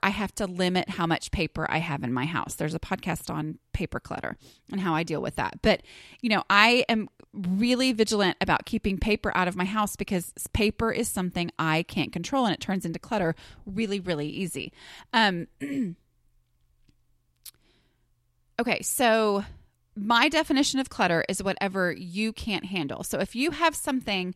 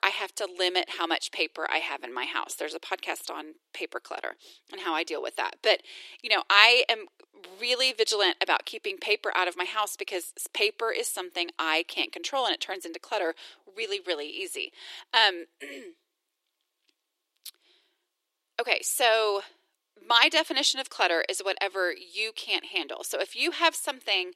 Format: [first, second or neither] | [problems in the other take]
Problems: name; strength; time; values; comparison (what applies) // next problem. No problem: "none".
first | thin; very; fading below 350 Hz